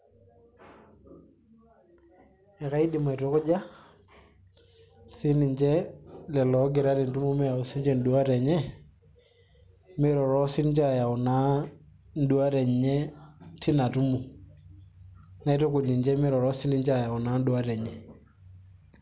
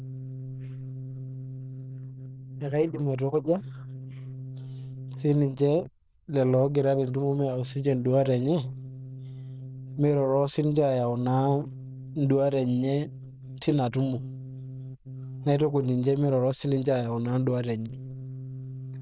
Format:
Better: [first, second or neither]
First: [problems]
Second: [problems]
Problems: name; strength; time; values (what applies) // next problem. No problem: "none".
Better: first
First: none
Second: noise reduction (neural diffusion model UNIVERSE++)